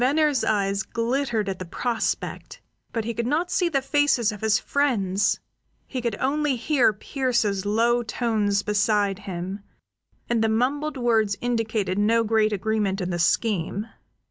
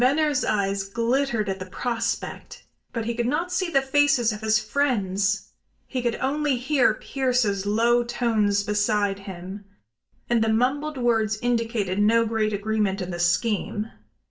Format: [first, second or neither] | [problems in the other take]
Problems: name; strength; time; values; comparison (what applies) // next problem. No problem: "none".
first | room echo; dies away in 0.3 s